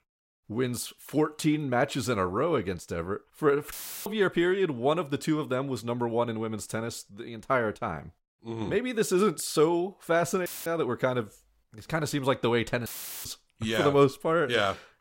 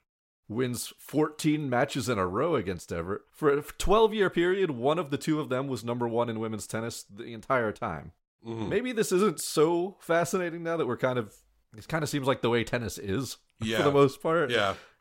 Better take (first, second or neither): second